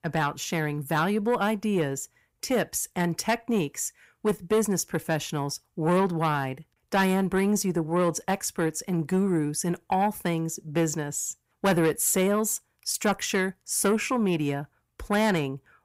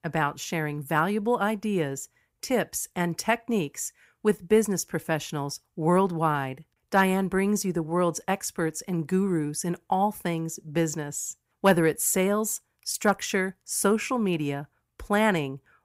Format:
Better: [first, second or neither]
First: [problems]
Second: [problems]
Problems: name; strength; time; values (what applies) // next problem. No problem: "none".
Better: second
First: distortion; slight; 10 dB below the speech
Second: none